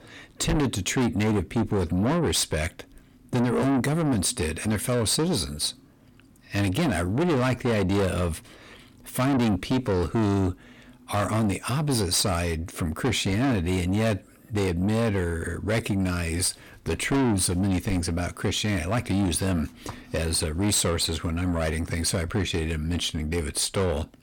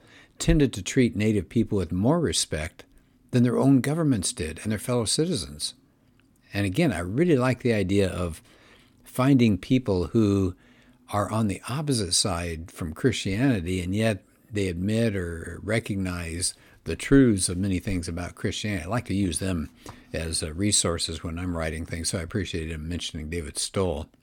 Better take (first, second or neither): second